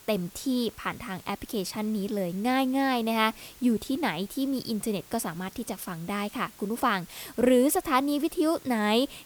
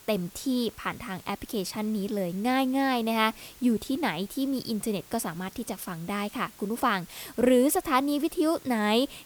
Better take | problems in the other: neither | hiss; faint; throughout; 20 dB below the speech; the same in both

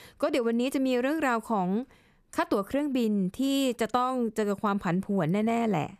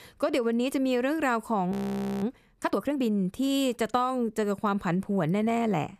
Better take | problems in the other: first | audio freezing; at 1.5 s for 0.5 s

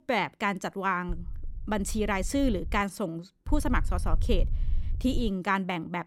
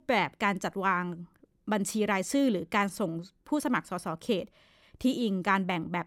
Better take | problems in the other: second | low rumble; faint; from 1 to 3 s and from 3.5 to 5.5 s; 25 dB below the speech

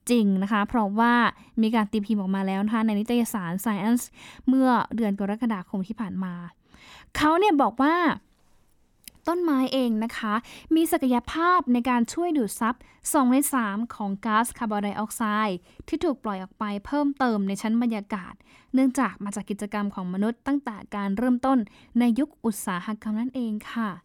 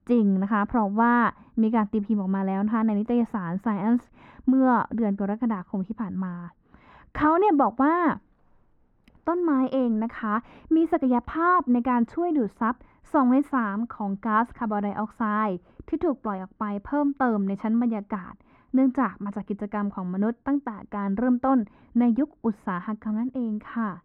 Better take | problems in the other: first | muffled; very; fading above 3.5 kHz

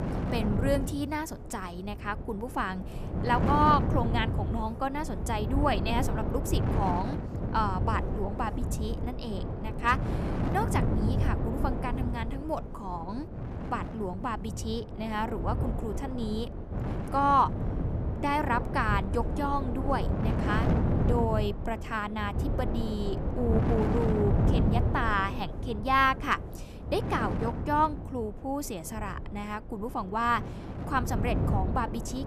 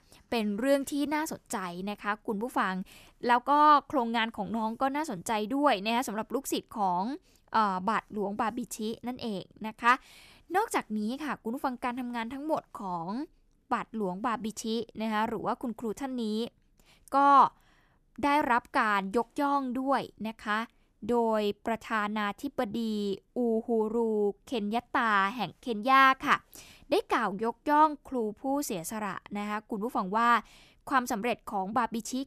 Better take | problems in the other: second | wind noise on the microphone; heavy; 8 dB below the speech

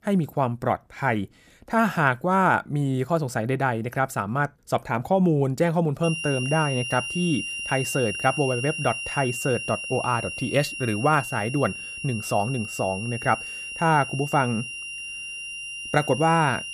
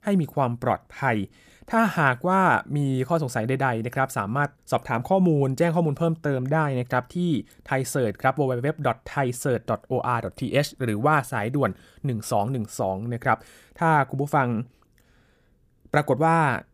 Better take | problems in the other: second | high-pitched whine; loud; from 6 s on; 3 kHz, 6 dB below the speech

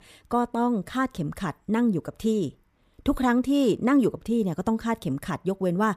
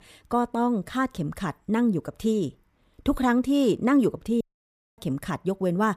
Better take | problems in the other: first | audio cutting out; at 4.5 s for 0.5 s

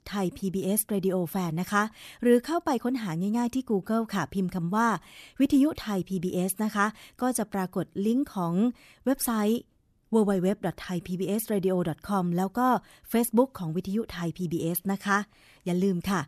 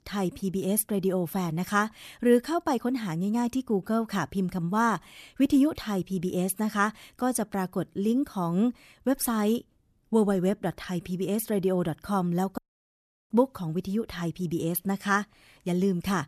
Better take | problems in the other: first | audio cutting out; at 13 s for 0.5 s

